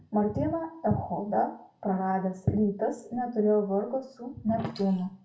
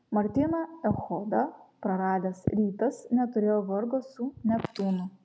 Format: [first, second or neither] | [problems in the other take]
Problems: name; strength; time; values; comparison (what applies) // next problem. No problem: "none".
second | room echo; dies away in 0.3 s